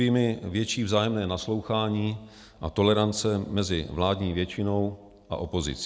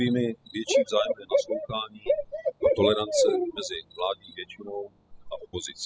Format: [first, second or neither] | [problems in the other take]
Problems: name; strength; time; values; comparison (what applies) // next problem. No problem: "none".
first | noise reduction (classical method spectral subtraction)